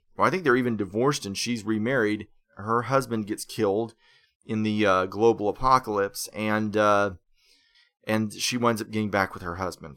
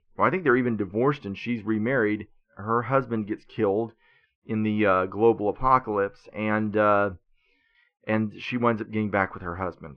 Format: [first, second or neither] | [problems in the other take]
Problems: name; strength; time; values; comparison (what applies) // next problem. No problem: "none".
first | muffled; very; fading above 2.5 kHz